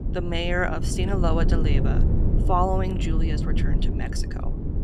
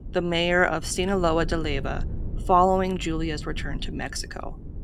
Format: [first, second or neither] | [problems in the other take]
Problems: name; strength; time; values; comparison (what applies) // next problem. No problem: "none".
second | low rumble; loud; throughout; 8 dB below the speech; faint in the second